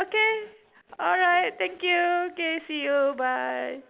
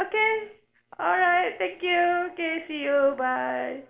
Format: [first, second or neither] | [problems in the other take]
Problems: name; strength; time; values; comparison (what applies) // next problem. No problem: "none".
first | noise reduction (neural separator model SepFormer DNS4)